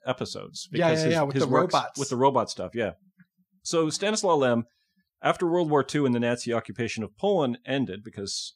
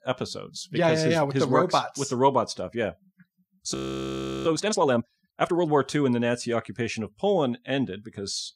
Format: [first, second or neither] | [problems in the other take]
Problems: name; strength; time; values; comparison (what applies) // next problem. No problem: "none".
first | audio freezing; at 3.5 s for 0.5 s